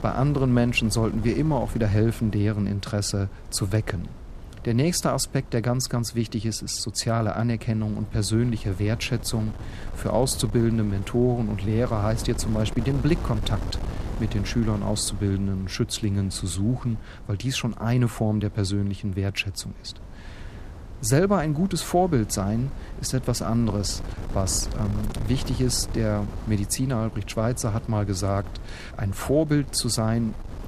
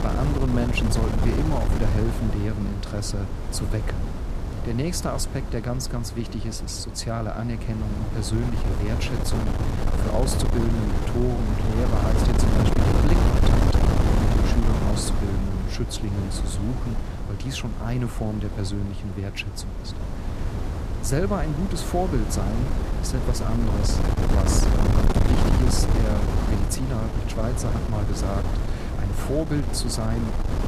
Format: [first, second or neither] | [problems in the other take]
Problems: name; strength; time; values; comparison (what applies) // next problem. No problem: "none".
first | wind noise on the microphone; heavy; as loud as the speech; occasional gusts in the first